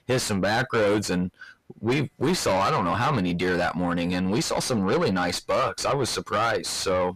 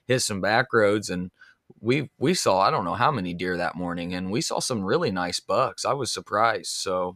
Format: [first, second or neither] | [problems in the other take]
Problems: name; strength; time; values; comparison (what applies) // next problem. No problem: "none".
second | distortion; heavy; 5 dB below the speech